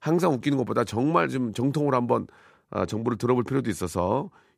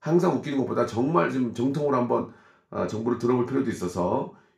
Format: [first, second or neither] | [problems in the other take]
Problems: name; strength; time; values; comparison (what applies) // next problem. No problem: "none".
first | room echo; slight; dies away in 0.3 s // off-mic speech; somewhat distant